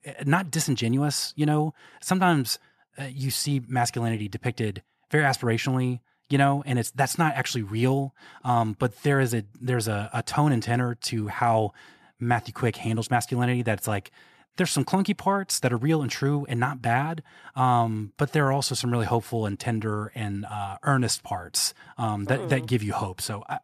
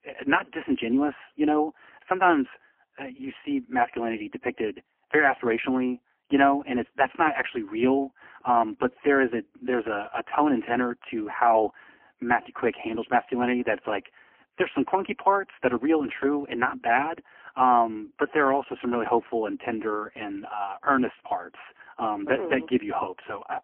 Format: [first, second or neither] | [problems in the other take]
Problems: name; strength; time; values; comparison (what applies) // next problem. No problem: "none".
first | phone-call audio; poor line; nothing above 3 kHz